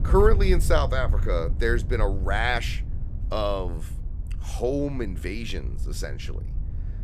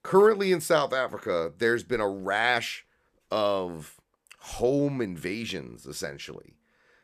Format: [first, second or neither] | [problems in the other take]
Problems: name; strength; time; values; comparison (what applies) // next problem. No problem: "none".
second | wind noise on the microphone; occasional gusts; 20 dB below the speech